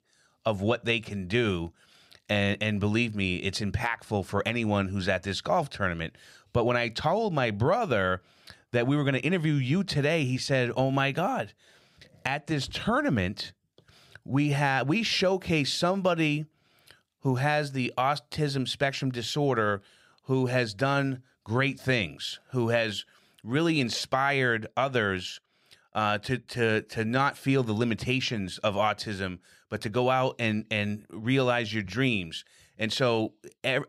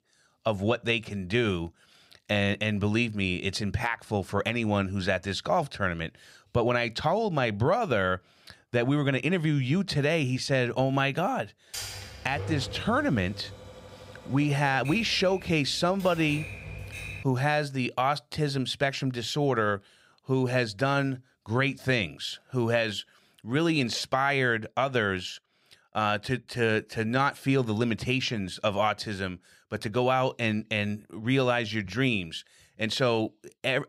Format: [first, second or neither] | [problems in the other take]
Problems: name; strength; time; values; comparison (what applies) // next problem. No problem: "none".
first | keyboard typing; noticeable; from 12 to 17 s; peak 8 dB below the speech